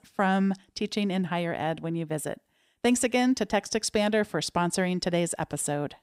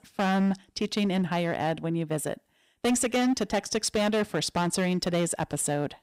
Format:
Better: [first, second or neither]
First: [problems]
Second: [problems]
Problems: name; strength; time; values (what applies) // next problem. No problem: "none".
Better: first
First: none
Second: distortion; slight; 10% of the sound clipped